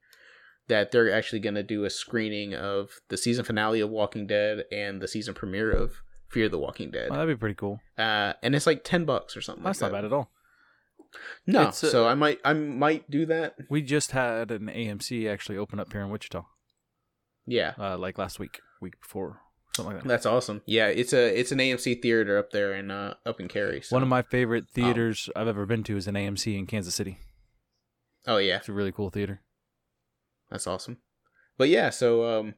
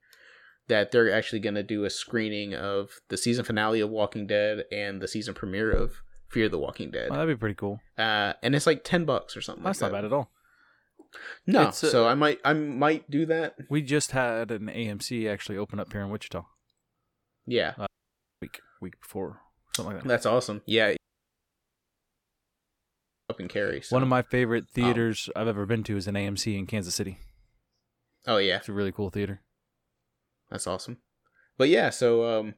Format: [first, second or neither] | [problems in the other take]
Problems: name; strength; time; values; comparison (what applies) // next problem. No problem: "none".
first | audio cutting out; at 18 s for 0.5 s and at 21 s for 2.5 s